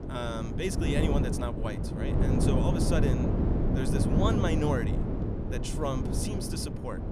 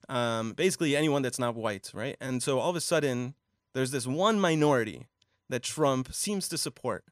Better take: second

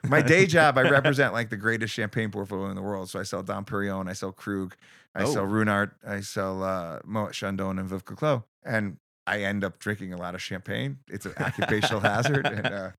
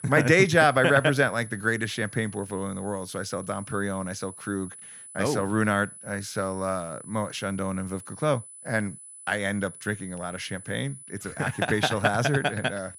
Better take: first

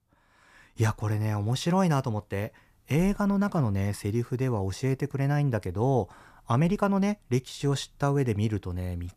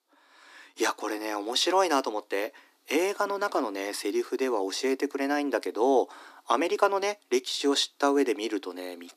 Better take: first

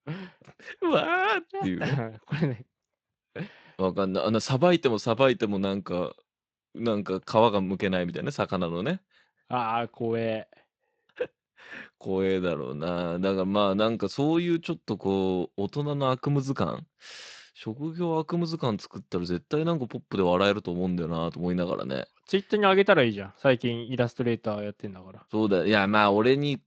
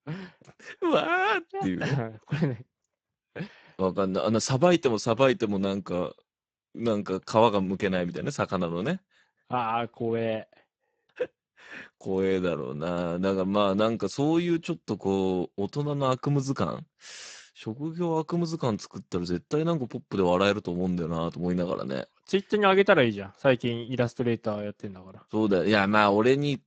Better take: first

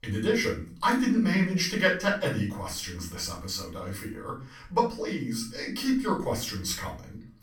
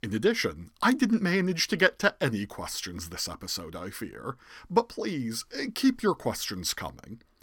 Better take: second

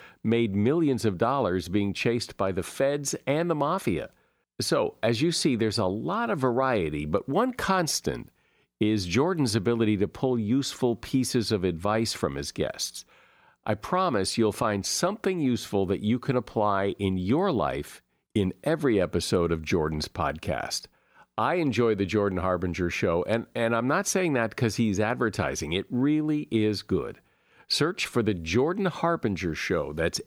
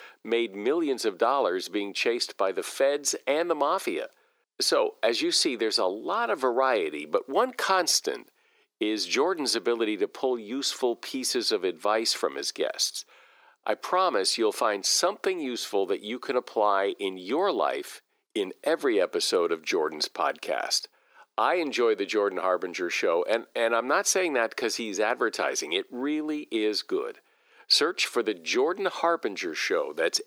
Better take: first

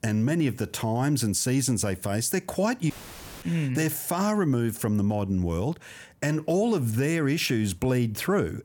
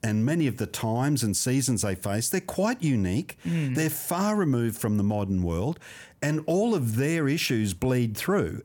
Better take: second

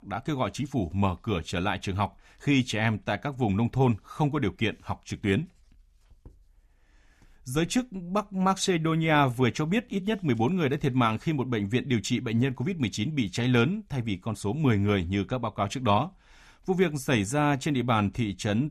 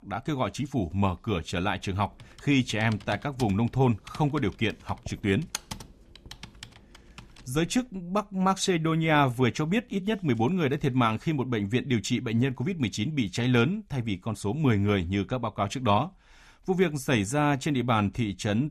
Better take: first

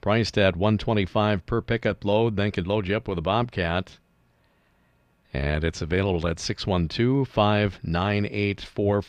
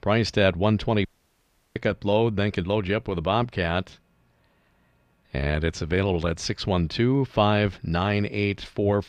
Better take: first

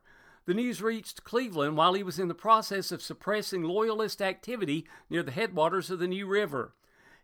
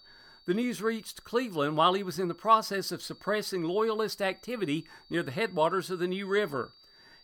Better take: first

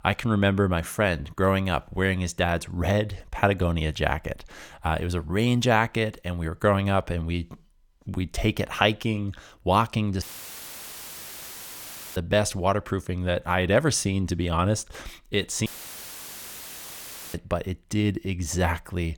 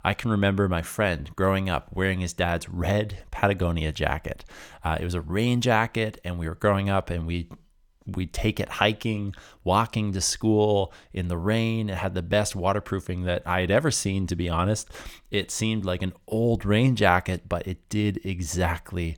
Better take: second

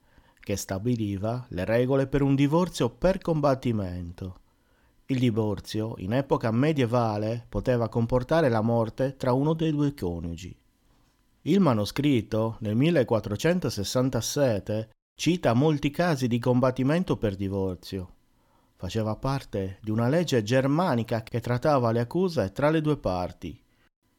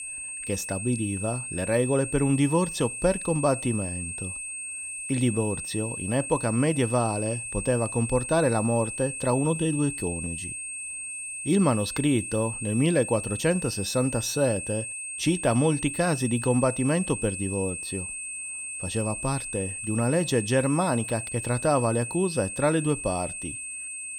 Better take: first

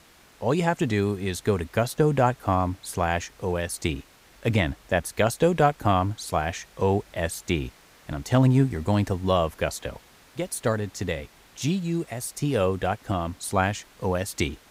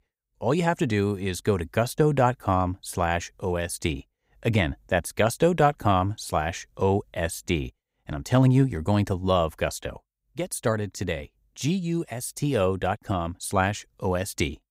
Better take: second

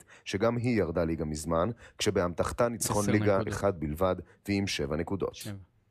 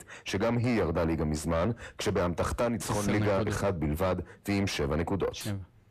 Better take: first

